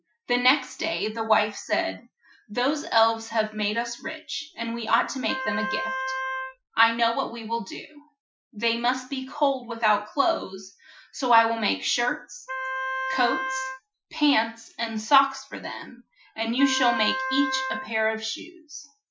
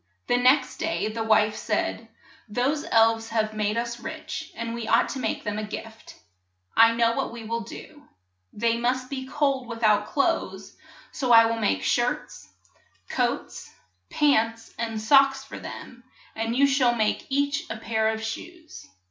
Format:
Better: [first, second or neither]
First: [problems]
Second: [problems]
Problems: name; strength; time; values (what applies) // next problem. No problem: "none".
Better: second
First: noise reduction (classical method Wiener filter)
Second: none